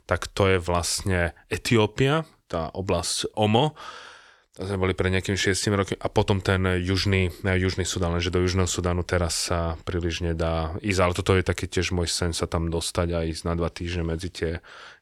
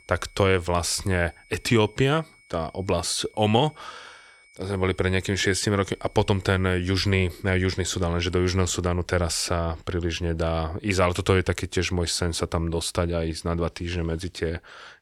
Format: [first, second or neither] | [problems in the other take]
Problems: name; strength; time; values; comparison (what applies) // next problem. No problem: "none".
first | high-pitched whine; faint; until 8.5 s; 2 kHz, 30 dB below the speech